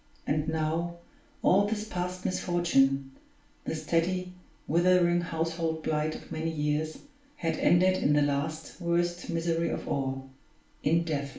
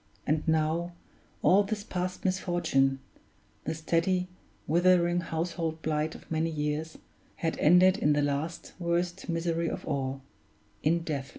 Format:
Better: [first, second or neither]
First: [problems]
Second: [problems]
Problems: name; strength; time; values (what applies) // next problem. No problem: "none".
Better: second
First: room echo; dies away in 0.4 s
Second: none